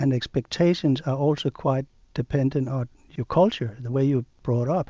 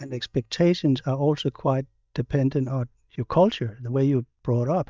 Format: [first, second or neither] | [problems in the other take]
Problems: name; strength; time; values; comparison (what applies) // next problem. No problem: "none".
first | noise reduction (neural mask model DeepFilterNet 3)